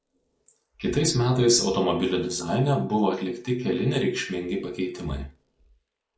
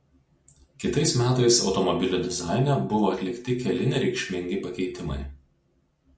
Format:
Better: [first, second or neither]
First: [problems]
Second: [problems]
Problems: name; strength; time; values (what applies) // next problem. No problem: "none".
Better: second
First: noise reduction (neural mask model Resemble Enhance denoiser)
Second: none